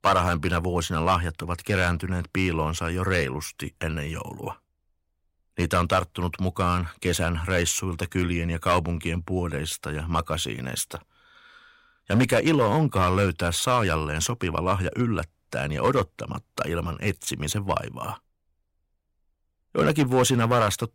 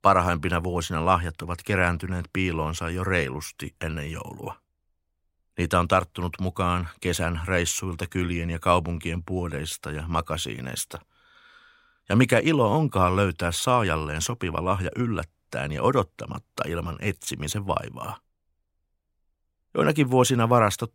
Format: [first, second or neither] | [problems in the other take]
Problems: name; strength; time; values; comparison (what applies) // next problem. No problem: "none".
second | distortion; slight; 2% of the sound clipped